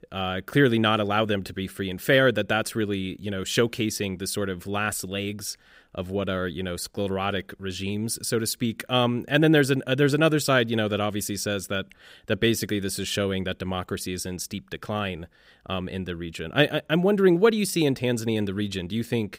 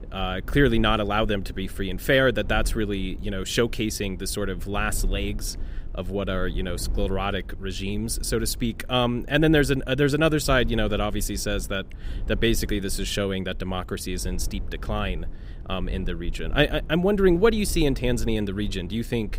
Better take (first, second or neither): first